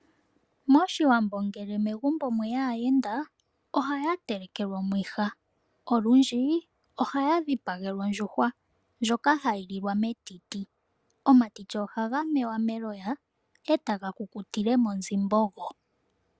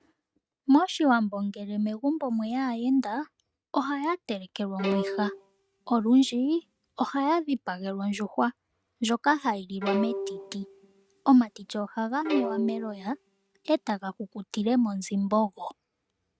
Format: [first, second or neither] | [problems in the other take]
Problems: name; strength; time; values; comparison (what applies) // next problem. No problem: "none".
first | noise reduction (neural mask model RNNoise)